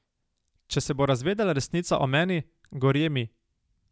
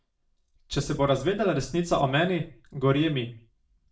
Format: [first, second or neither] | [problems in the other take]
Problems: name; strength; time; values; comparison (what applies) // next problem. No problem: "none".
first | room echo; dies away in 0.3 s